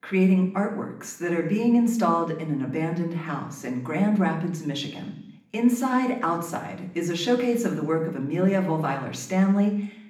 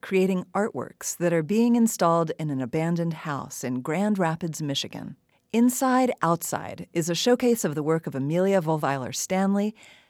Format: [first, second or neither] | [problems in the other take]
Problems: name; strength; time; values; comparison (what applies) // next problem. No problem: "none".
second | room echo; slight; dies away in 0.8 s // off-mic speech; somewhat distant